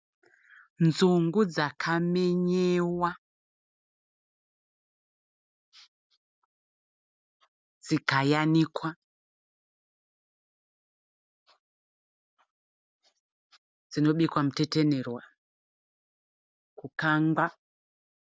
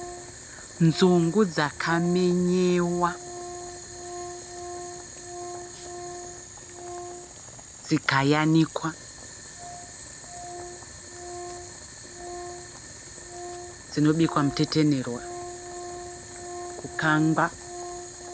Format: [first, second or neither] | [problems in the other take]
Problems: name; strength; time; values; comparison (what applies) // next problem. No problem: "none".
first | background sound (Boiling + Organ); 11 dB below the speech